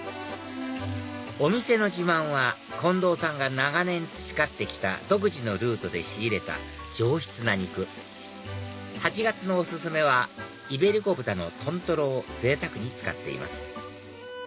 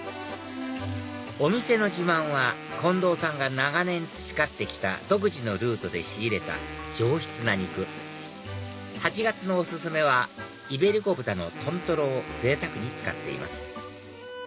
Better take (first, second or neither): first